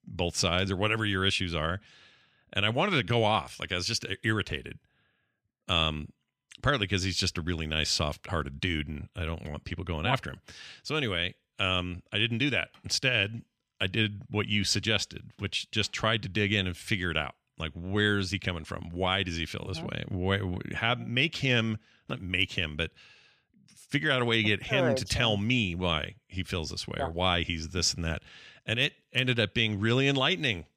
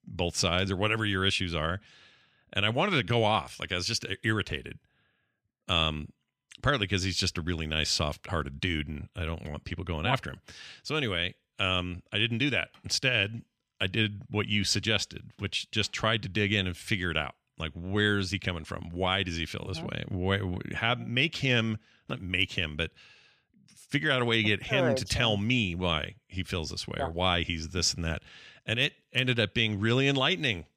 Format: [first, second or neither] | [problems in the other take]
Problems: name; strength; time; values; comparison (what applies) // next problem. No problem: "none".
neither | none